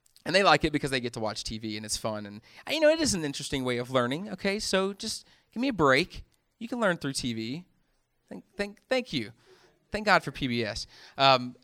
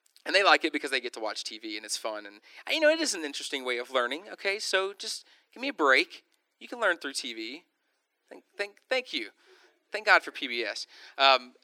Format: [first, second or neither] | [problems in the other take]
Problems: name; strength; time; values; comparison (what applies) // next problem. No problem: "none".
first | thin; somewhat; fading below 300 Hz